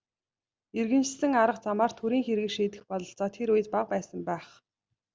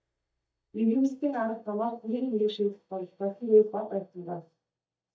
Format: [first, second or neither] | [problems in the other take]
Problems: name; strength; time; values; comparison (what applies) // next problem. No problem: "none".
first | noise reduction (neural mask model DeepFilterNet 3)